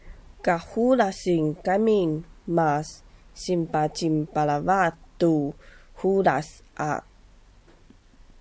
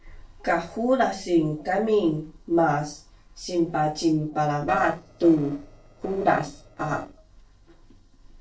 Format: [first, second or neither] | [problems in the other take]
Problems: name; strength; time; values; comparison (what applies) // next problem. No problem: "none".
first | noise reduction (neural separator model SepFormer DNS4)